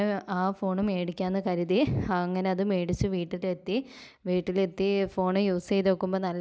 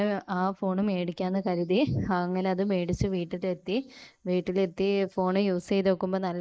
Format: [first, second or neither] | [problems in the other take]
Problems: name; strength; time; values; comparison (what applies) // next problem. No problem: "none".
first | noise reduction (neural mask model Resemble Enhance denoiser)